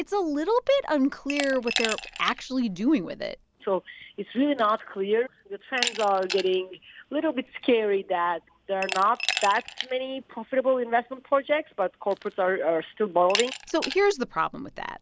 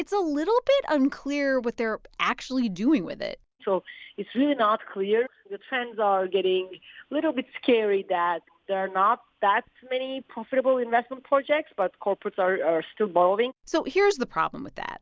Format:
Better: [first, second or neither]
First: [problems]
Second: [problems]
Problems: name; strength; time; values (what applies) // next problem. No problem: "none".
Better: second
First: background sound (Glass); 11 dB below the speech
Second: none